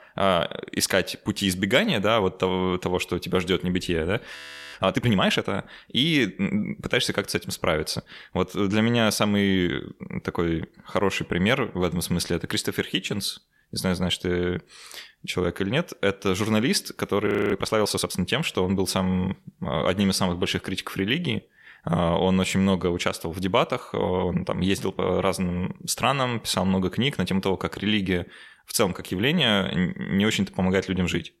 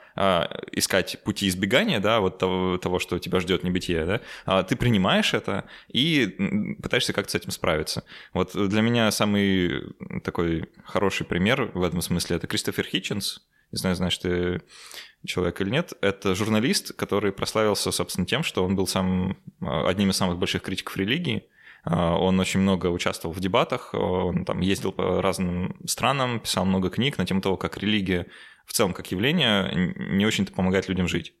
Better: second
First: audio freezing; at 4.5 s and at 17 s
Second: none

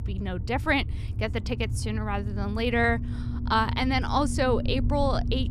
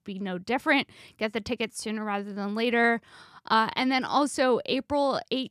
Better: second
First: low rumble; noticeable; throughout; 15 dB below the speech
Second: none

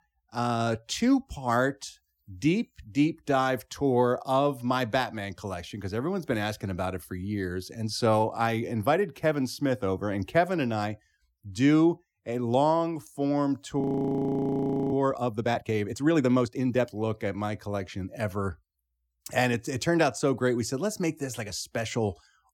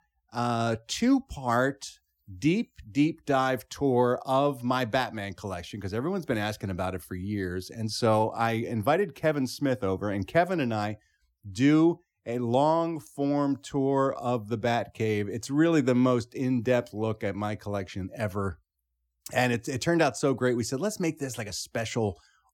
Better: second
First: audio freezing; at 14 s for 1 s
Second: none

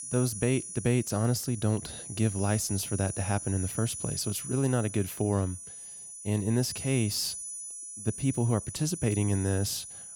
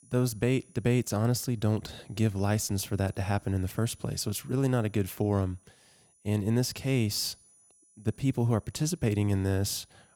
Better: second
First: high-pitched whine; loud; throughout; 10 kHz, 8 dB below the speech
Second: high-pitched whine; faint; throughout; 10 kHz, 30 dB below the speech

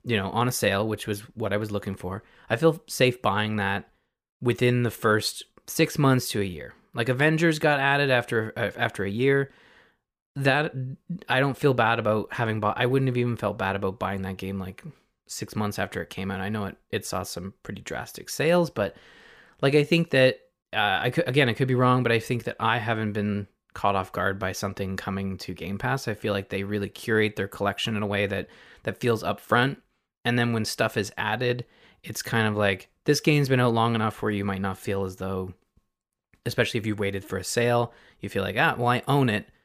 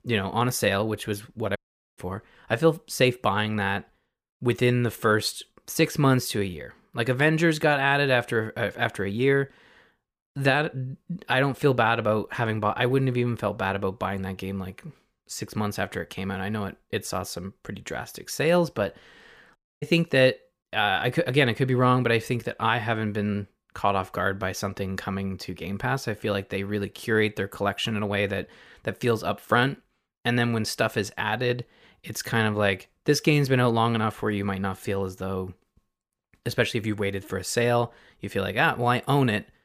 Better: first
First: none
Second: audio cutting out; at 1.5 s and at 20 s

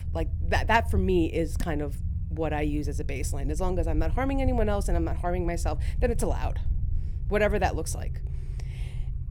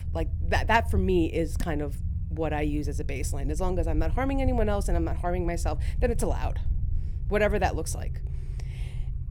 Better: neither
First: low rumble; noticeable; throughout; 20 dB below the speech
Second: low rumble; noticeable; throughout; 20 dB below the speech

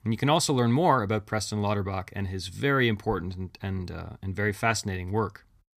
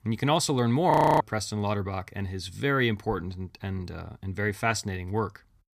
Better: first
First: none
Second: audio freezing; at 1 s

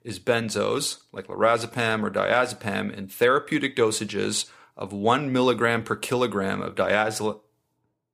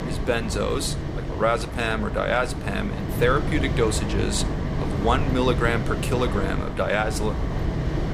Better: first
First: none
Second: wind noise on the microphone; heavy; 8 dB below the speech

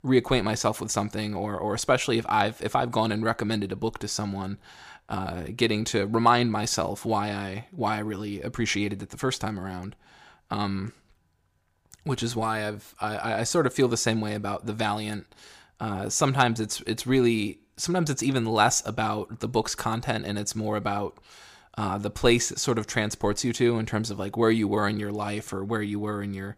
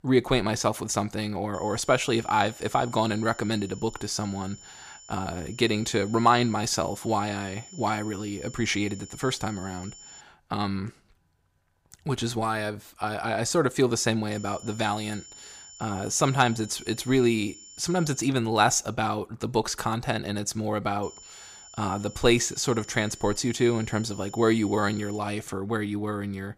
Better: first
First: none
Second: high-pitched whine; noticeable; from 1.5 to 10 s, from 14 to 18 s and from 21 to 25 s; 7 kHz, 20 dB below the speech

